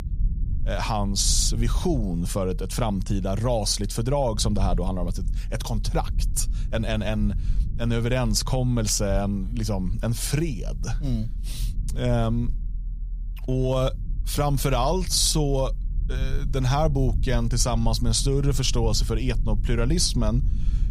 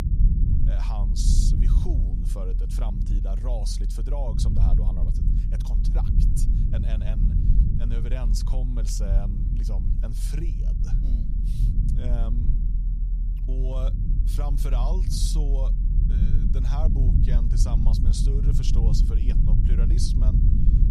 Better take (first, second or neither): first